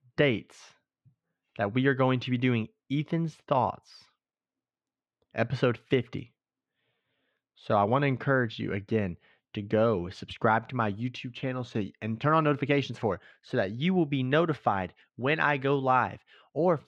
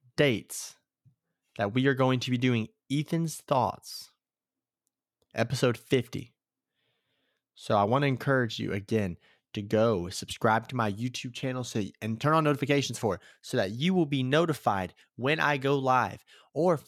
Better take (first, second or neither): second